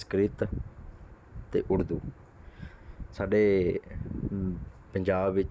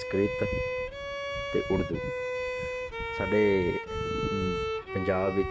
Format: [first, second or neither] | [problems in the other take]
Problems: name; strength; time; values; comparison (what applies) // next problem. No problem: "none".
first | background sound (Bowed string instrument); 3 dB below the speech